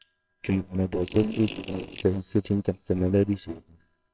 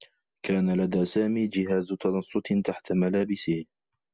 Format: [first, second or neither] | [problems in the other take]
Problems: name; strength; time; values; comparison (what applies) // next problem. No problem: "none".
second | noise reduction (neural separator model SepFormer WHAMR!)